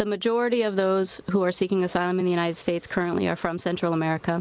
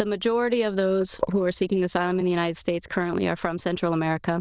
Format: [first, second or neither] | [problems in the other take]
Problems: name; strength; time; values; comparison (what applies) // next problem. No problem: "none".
first | noise reduction (neural diffusion model UNIVERSE++)